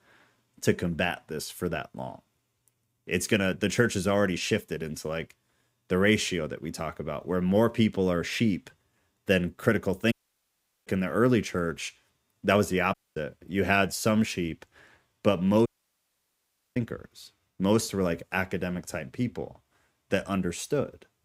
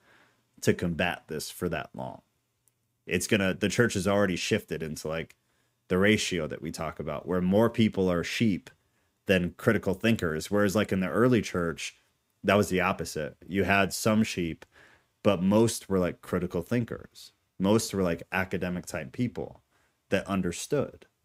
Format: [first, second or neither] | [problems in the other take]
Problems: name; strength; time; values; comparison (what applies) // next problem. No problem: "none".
second | audio cutting out; at 10 s for 0.5 s, at 13 s and at 16 s for 1 s